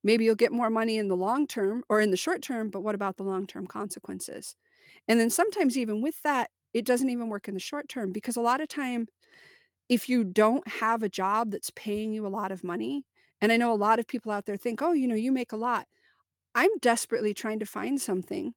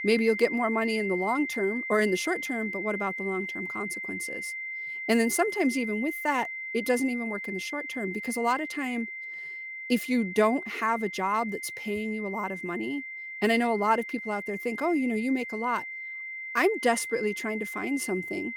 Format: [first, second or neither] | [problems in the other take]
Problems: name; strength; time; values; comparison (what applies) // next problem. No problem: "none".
first | high-pitched whine; loud; throughout; 2 kHz, 6 dB below the speech